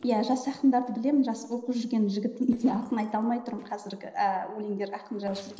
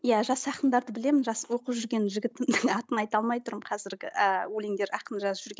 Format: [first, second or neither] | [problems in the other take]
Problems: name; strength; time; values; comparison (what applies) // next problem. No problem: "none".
second | noise reduction (neural separator model SepFormer DNS4)